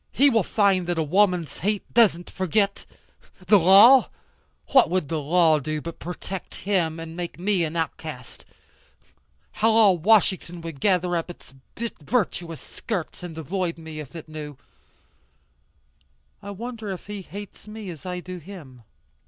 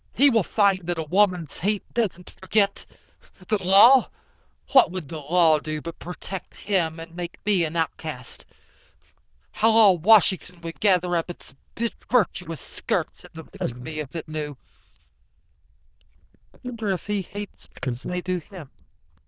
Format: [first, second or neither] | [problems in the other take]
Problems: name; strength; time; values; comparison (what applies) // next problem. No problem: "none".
first | noise reduction (neural diffusion model UNIVERSE++)